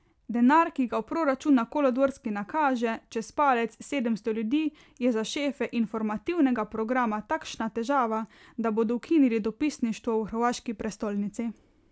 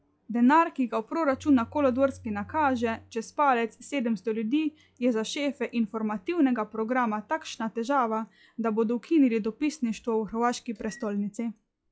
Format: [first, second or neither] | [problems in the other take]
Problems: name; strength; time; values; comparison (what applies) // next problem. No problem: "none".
first | noise reduction (classical method log-MMSE)